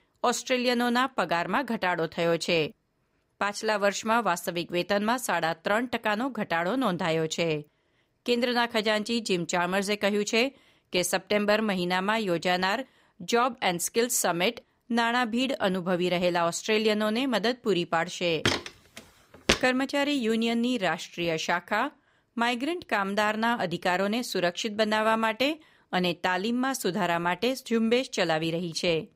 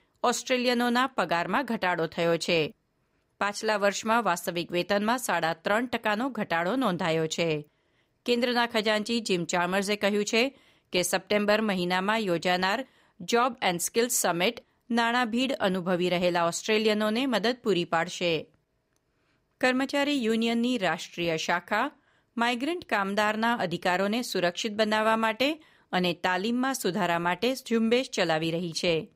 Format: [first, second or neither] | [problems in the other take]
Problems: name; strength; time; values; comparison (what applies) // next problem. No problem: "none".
second | footsteps; loud; from 18 to 20 s; peak level with the speech